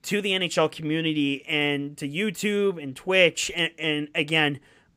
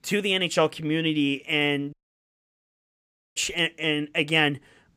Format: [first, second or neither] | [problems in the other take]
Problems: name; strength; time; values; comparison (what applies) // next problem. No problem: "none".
first | audio cutting out; at 2 s for 1.5 s